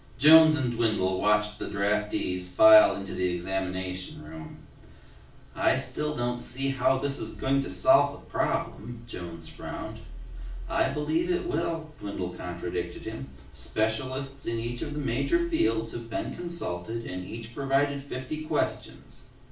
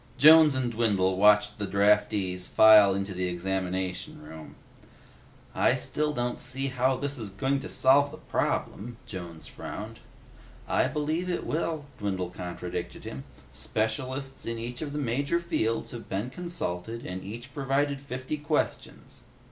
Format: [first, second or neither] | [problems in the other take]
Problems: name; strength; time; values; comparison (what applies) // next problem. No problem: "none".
second | room echo; dies away in 0.3 s